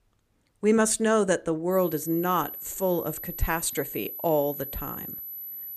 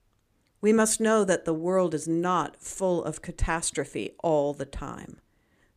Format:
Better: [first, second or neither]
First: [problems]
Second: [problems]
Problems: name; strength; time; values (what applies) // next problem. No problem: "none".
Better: second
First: high-pitched whine; loud; from 1.5 s on; 12 kHz, 9 dB below the speech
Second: none